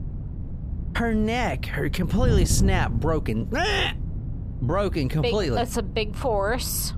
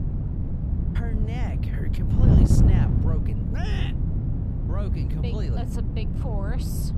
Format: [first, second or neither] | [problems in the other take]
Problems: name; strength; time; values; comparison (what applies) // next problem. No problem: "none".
first | wind noise on the microphone; heavy; 3 dB above the speech; occasional gusts in the first